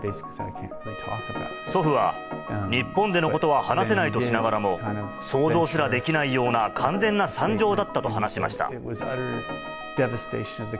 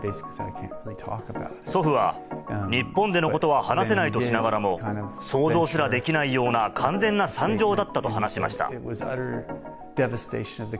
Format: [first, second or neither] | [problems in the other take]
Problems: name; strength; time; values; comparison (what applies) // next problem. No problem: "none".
second | background sound (Trumpet); 15 dB below the speech